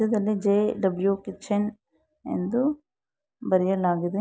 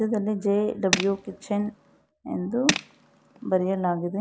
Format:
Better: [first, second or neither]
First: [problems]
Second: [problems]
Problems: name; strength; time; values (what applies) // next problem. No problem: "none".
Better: first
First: none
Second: background sound (Tools); 5 dB below the speech